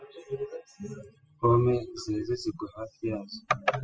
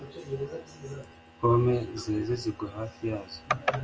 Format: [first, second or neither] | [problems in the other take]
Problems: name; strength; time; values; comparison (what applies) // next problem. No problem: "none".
second | noise reduction (classical method spectral subtraction)